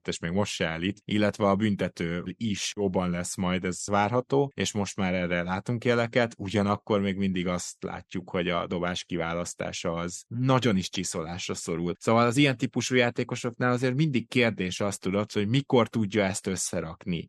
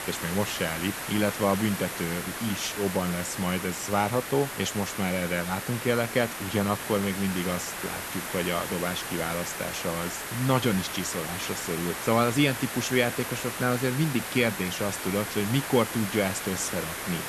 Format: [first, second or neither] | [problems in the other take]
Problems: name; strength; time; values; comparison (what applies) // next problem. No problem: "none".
first | hiss; loud; throughout; 5 dB below the speech